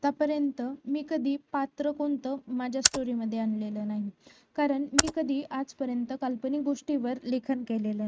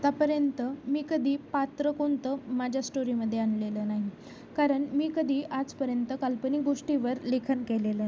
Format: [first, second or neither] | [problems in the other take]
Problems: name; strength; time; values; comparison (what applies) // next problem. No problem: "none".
second | noise reduction (neural mask model RNNoise)